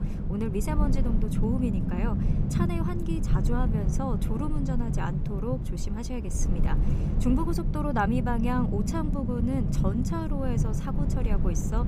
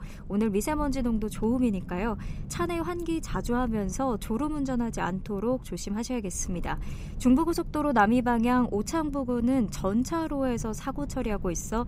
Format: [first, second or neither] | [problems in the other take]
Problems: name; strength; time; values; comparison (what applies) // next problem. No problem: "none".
second | low rumble; loud; throughout; 4 dB below the speech; faint in the second